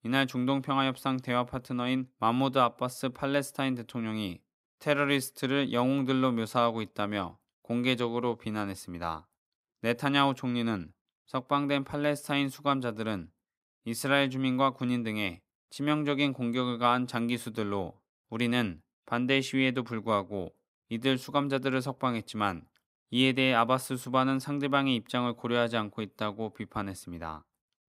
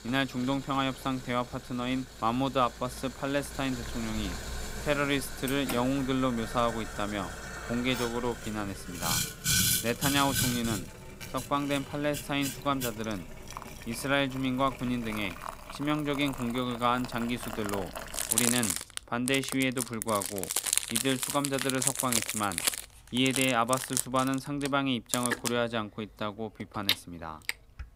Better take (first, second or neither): first